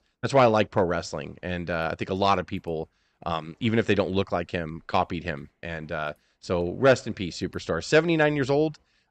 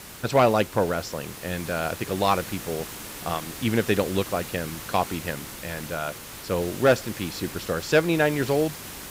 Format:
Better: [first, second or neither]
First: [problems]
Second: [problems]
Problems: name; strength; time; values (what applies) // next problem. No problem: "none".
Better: first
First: none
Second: hiss; noticeable; throughout; 10 dB below the speech